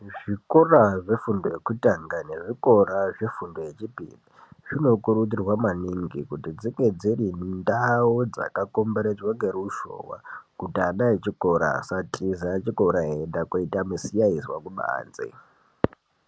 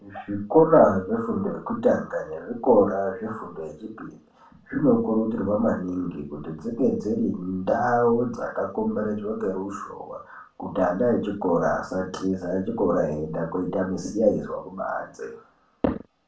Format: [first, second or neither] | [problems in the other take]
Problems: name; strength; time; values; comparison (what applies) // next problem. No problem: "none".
first | room echo; dies away in 0.3 s